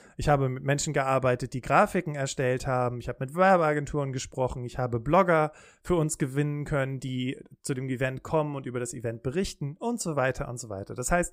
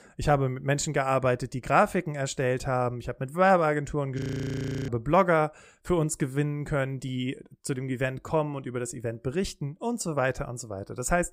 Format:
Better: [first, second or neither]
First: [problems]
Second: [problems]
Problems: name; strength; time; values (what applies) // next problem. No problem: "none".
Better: first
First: none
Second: audio freezing; at 4 s for 0.5 s